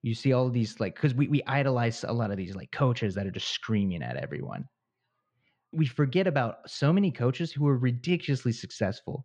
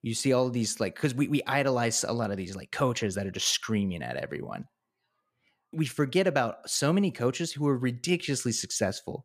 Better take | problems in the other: second | muffled; slightly; fading above 4 kHz

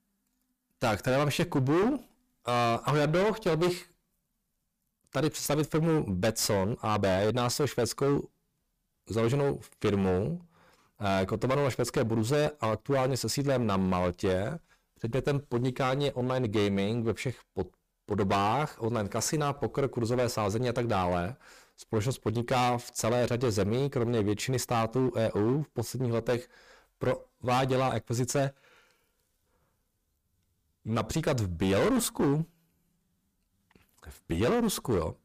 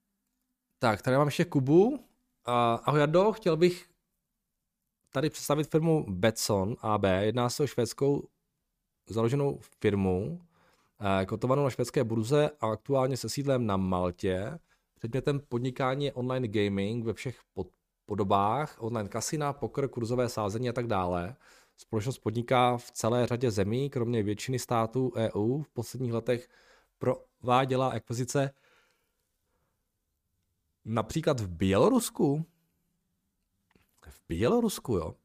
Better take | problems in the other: second | distortion; heavy; 15% of the sound clipped

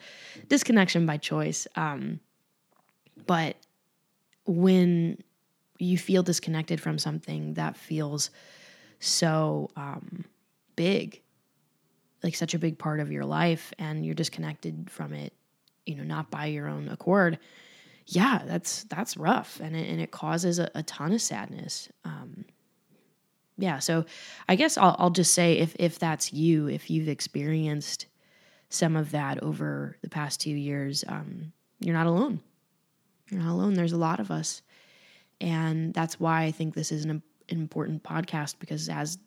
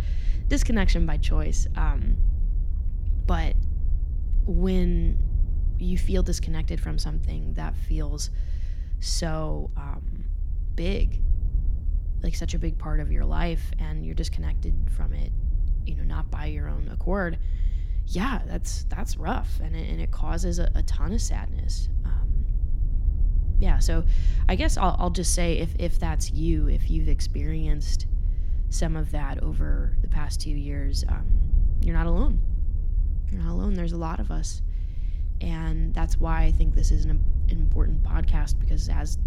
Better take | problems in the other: first | low rumble; noticeable; throughout; 15 dB below the speech

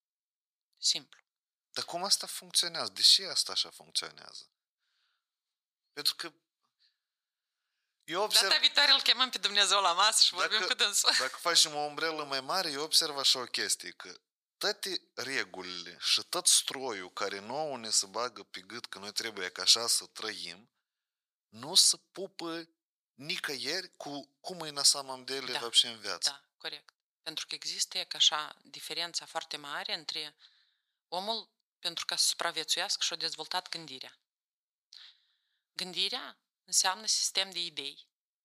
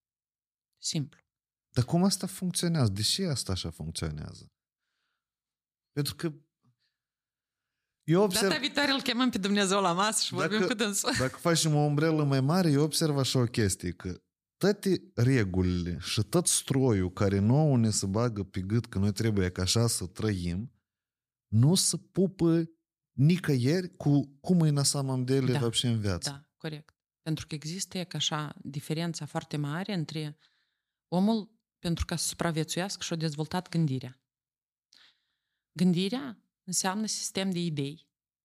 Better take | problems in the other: second | thin; very; fading below 850 Hz

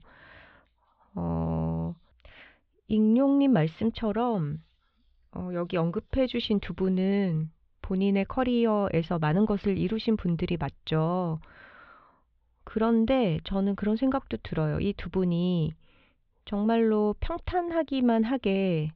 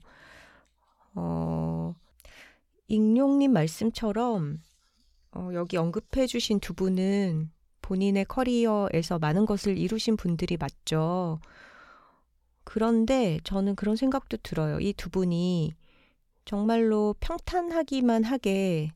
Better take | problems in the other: second | muffled; slightly; fading above 3.5 kHz

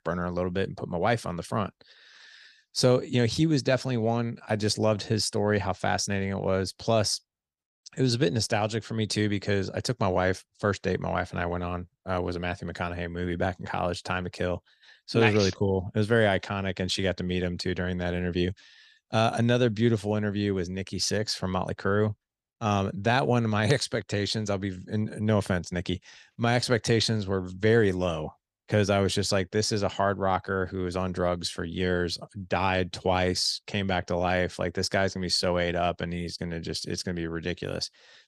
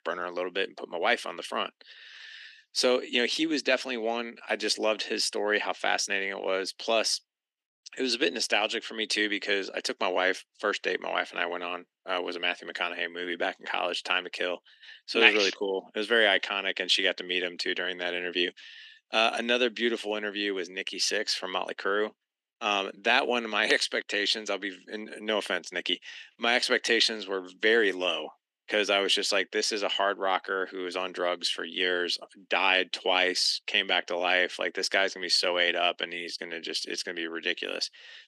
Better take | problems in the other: first | thin; somewhat; fading below 250 Hz

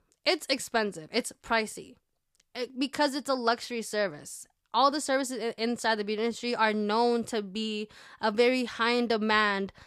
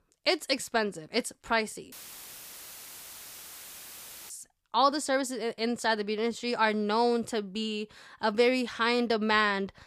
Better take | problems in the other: first | audio cutting out; filled with static; at 2 s for 2.5 s

